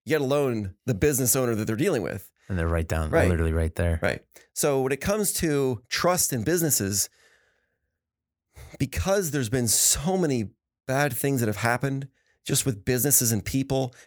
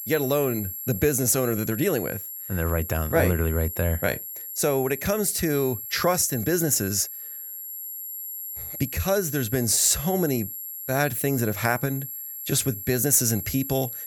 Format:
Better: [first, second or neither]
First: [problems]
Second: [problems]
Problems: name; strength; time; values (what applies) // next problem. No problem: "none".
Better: first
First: none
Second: high-pitched whine; loud; throughout; 11.5 kHz, 8 dB below the speech